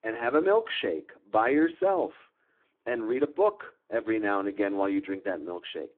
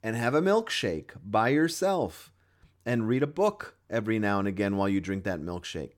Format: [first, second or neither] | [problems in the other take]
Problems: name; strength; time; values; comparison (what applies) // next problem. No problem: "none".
second | phone-call audio; poor line